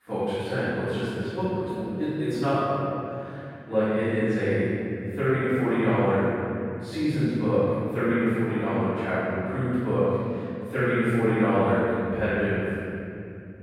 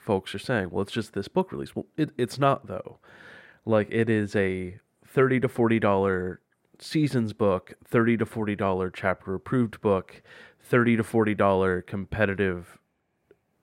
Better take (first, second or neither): second